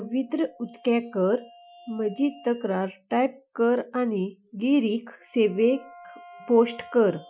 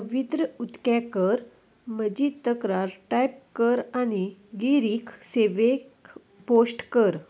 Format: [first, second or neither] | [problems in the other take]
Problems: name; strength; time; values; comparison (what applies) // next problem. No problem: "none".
second | noise reduction (classical method Wiener filter)